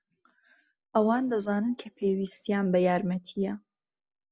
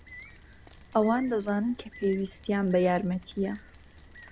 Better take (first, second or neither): first